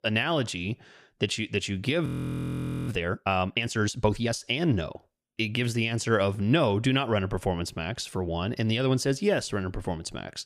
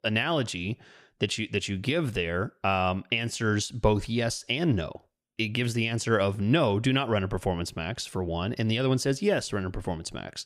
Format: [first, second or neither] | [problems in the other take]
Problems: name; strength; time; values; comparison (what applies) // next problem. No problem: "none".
second | audio freezing; at 2 s for 1 s